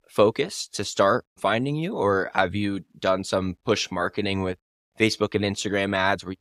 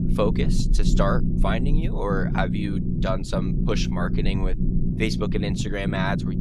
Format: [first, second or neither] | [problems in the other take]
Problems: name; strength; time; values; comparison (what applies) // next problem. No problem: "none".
first | low rumble; loud; throughout; 6 dB below the speech